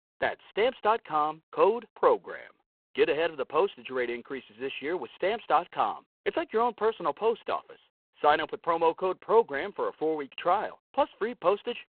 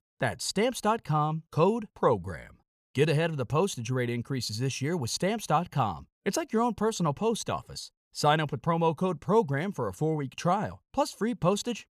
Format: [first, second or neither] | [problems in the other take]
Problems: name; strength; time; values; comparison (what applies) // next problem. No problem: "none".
second | phone-call audio; poor line